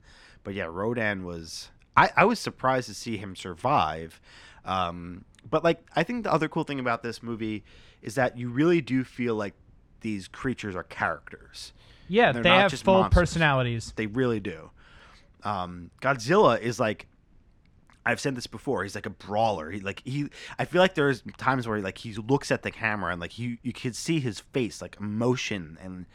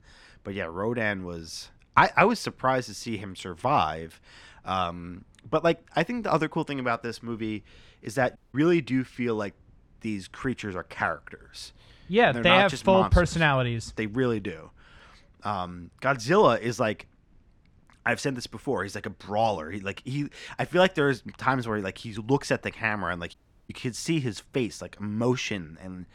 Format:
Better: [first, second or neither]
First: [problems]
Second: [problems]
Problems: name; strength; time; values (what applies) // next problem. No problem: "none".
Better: first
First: none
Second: audio cutting out; at 8.5 s and at 23 s